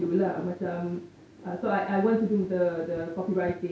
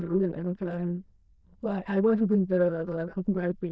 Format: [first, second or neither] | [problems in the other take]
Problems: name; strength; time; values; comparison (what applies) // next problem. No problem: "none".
first | noise reduction (neural diffusion model UNIVERSE++)